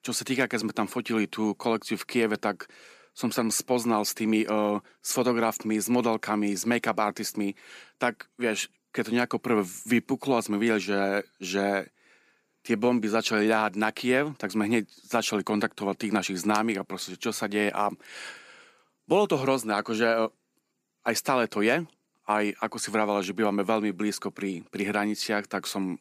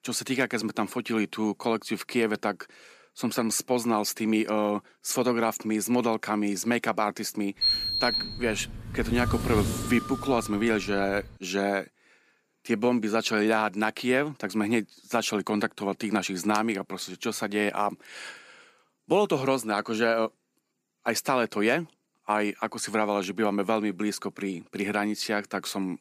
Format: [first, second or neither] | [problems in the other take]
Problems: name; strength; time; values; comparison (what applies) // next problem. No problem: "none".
first | door banging; loud; from 7.5 to 11 s; peak 5 dB above the speech